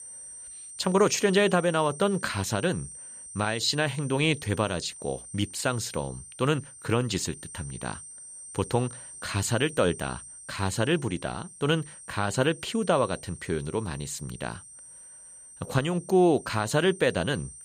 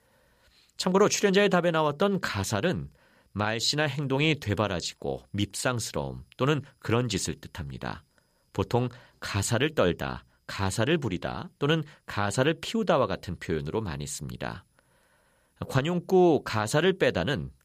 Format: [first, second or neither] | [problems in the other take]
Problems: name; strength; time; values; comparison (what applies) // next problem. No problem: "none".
second | high-pitched whine; noticeable; throughout; 8.5 kHz, 15 dB below the speech